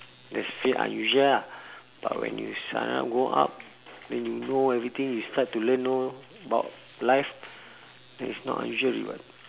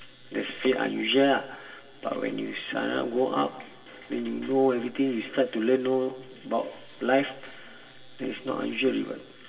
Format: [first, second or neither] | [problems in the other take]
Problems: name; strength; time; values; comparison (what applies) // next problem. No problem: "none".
first | room echo; dies away in 2.1 s